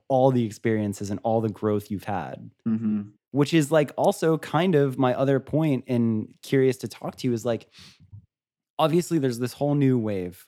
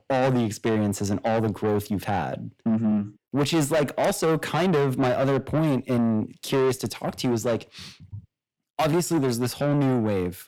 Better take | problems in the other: first | distortion; heavy; 7 dB below the speech

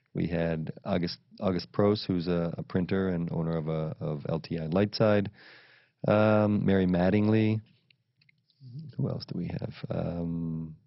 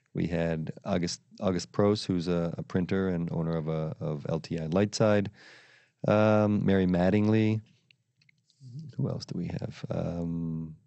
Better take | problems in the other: second | garbled, watery; badly; nothing above 5.5 kHz; slightly in the second

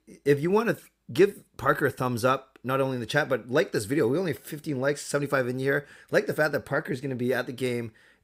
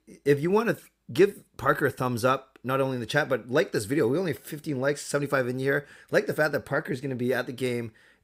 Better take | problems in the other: neither | none

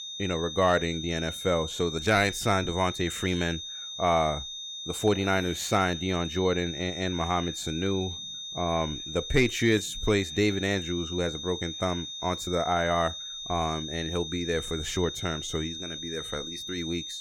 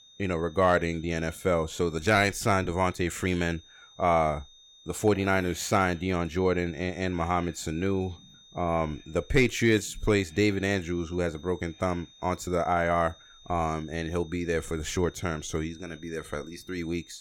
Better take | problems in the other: second | high-pitched whine; loud; throughout; 3.5 kHz, 7 dB below the speech; faint in the second

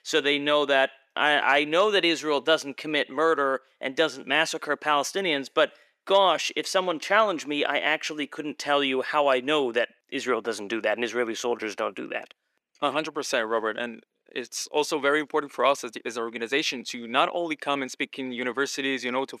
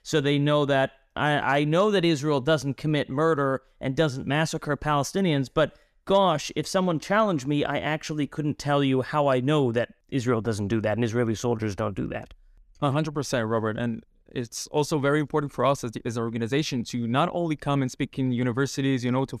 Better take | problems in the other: second | thin; somewhat; fading below 350 Hz

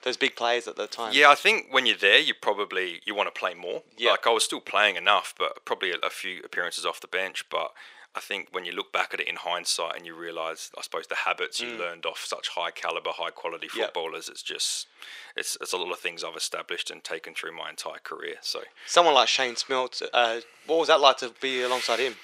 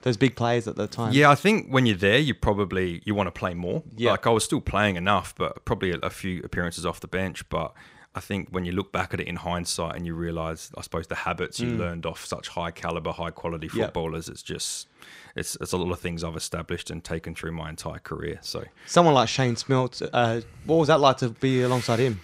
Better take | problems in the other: second | thin; very; fading below 450 Hz

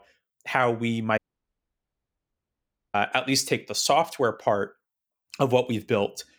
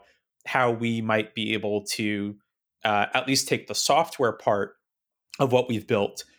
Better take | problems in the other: second | audio cutting out; at 1 s for 2 s

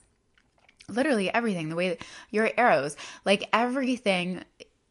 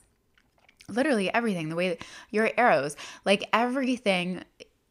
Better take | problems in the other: second | garbled, watery; slightly; nothing above 10 kHz

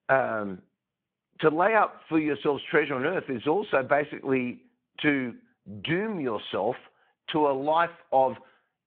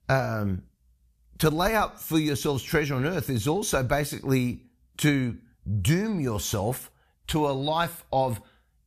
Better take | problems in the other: second | phone-call audio

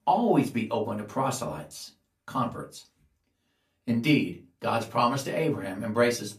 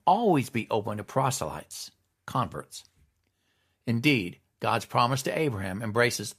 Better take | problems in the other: second | off-mic speech; far // room echo; very slight; dies away in 0.2 s

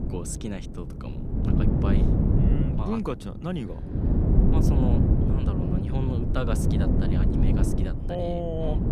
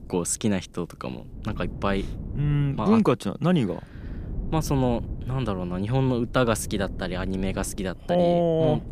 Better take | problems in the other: second | wind noise on the microphone; heavy; 2 dB above the speech; occasional gusts in the second

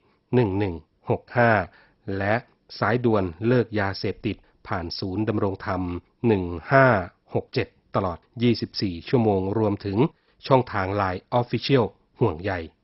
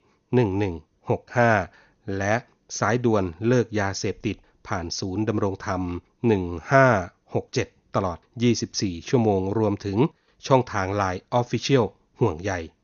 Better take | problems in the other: second | garbled, watery; badly; nothing above 5.5 kHz; slightly in the second

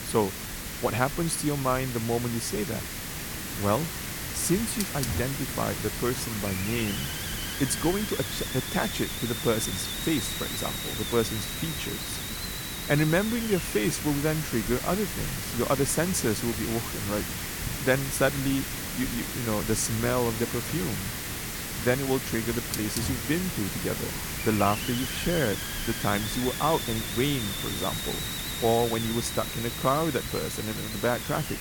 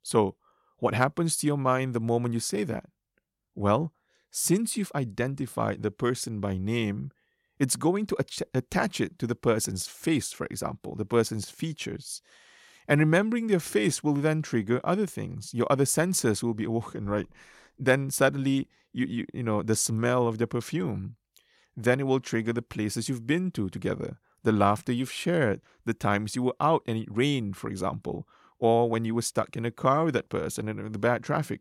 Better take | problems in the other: second | hiss; loud; throughout; 3 dB below the speech

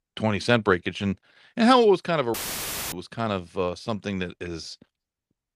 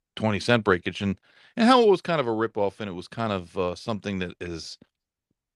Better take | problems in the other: second | audio cutting out; filled with static; at 2.5 s for 0.5 s

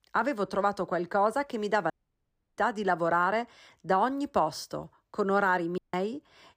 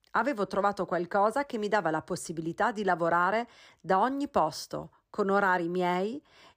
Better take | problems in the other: second | audio cutting out; at 2 s for 0.5 s and at 6 s

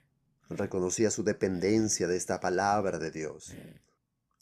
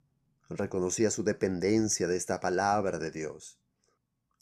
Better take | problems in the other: second | hiss; faint; throughout; 25 dB below the speech

